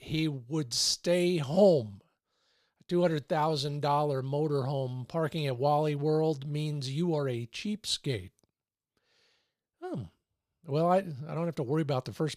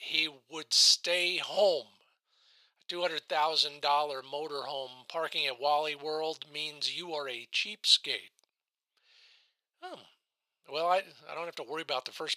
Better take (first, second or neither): first